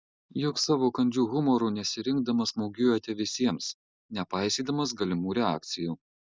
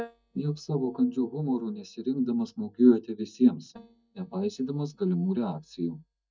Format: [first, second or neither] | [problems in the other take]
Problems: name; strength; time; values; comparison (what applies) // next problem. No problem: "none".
first | noise reduction (neural mask model DeepFilterNet 3)